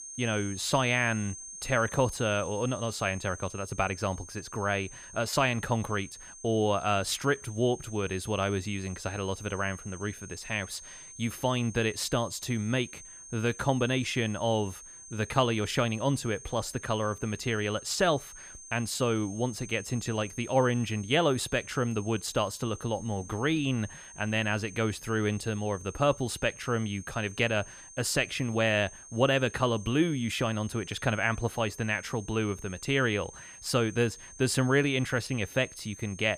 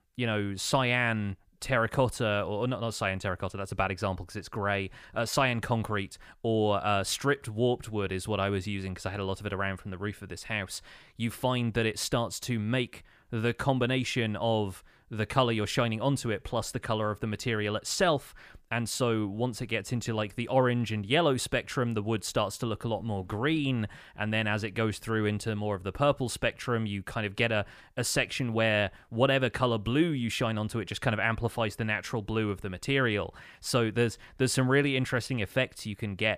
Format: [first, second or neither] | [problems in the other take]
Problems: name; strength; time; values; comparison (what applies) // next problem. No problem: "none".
second | high-pitched whine; noticeable; throughout; 6.5 kHz, 15 dB below the speech